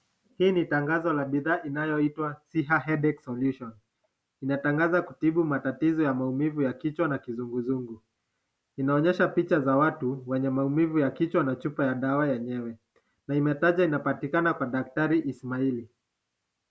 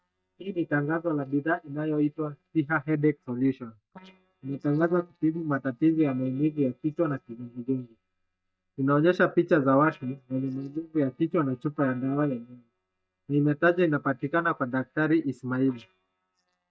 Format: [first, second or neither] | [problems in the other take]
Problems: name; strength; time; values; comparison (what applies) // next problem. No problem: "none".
first | noise reduction (neural mask model DeepFilterNet 3)